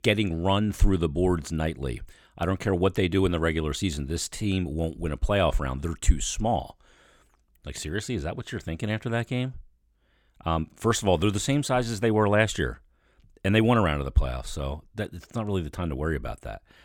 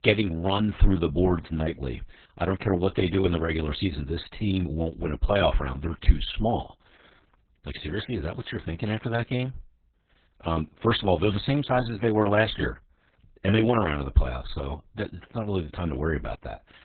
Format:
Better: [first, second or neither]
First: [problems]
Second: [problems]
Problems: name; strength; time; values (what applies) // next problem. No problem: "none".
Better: first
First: none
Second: garbled, watery; badly; nothing above 4 kHz